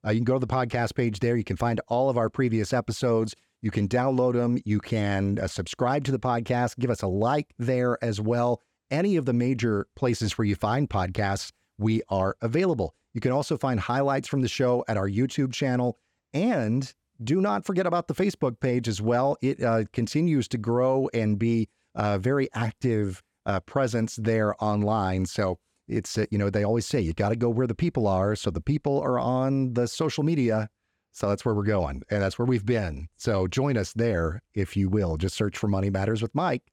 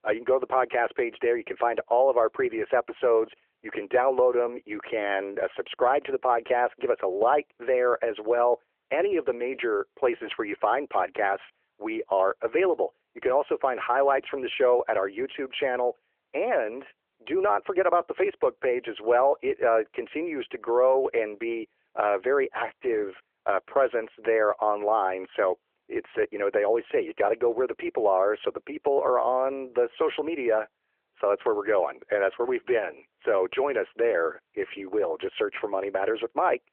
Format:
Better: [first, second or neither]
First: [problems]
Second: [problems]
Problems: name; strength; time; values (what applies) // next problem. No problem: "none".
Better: first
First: none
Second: phone-call audio; nothing above 3 kHz